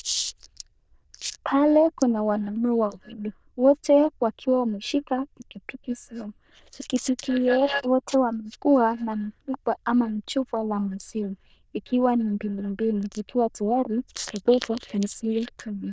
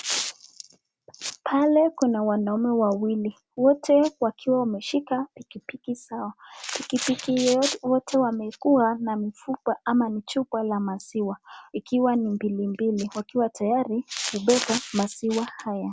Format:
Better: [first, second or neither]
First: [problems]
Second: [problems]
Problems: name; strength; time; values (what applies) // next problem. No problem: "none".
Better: second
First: noise reduction (neural diffusion model UNIVERSE++)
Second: none